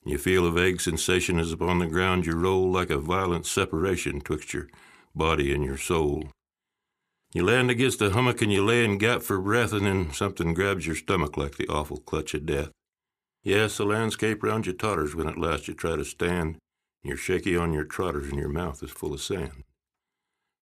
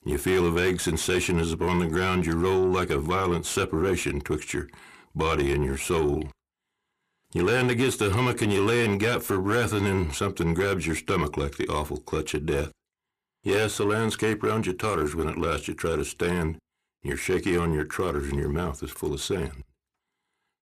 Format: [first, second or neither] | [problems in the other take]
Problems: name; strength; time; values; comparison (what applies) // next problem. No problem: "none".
first | distortion; slight; 10 dB below the speech